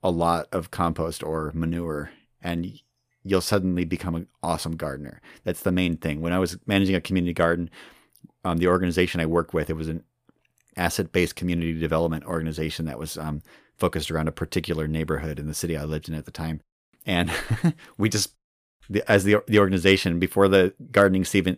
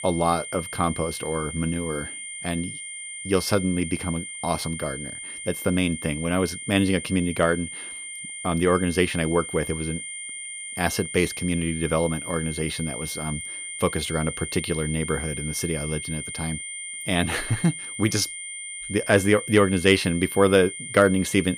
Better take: first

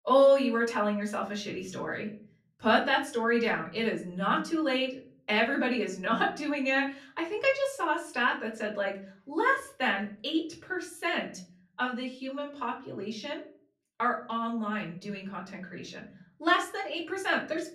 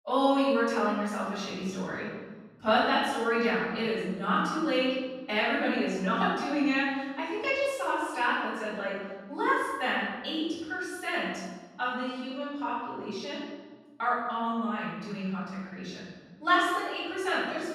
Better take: first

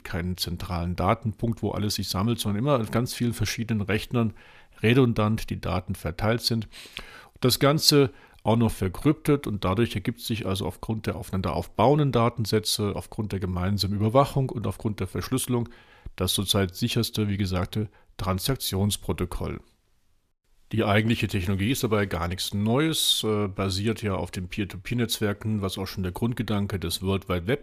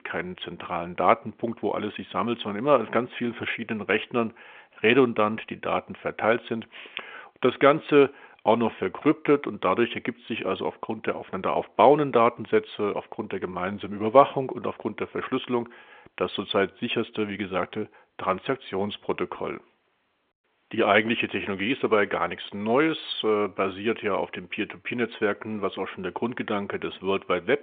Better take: first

